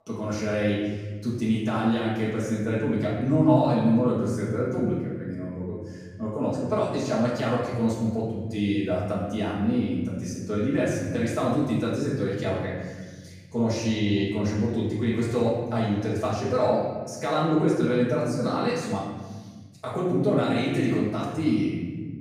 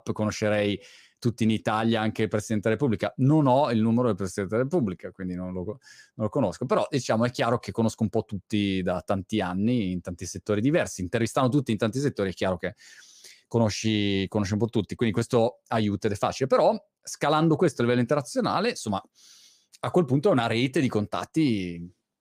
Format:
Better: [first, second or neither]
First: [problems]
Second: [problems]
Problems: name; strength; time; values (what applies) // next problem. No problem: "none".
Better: second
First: off-mic speech; far // room echo; noticeable; dies away in 1.7 s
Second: none